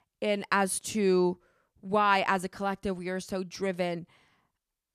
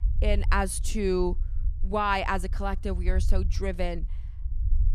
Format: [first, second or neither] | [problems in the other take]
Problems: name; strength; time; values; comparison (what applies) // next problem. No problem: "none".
first | low rumble; faint; throughout; 25 dB below the speech